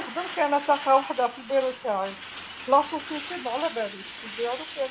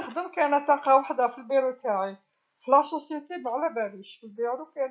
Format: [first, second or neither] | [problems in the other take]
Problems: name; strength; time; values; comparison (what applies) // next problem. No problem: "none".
second | background sound (Truck); 13 dB below the speech